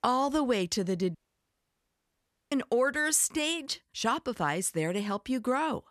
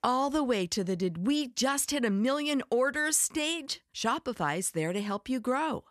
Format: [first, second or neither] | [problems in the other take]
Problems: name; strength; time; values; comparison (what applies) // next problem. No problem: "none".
second | audio cutting out; at 1 s for 1.5 s